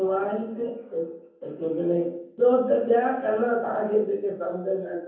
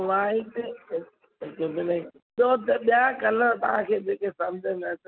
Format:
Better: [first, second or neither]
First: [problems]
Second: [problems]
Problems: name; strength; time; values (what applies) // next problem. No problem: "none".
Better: second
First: room echo; dies away in 0.7 s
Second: none